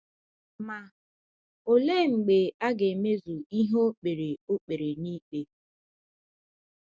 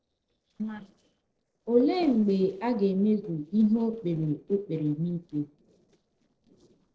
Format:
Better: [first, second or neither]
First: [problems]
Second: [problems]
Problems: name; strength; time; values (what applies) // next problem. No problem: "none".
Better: first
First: none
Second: noise reduction (neural separator model SepFormer DNS4)